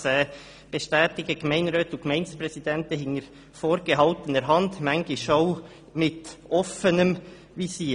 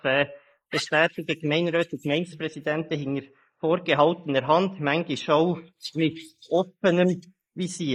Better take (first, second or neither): first